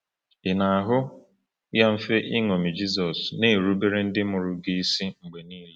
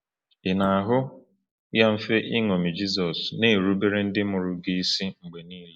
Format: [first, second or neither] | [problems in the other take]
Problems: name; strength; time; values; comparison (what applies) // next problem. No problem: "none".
first | noise reduction (neural mask model Resemble Enhance denoiser)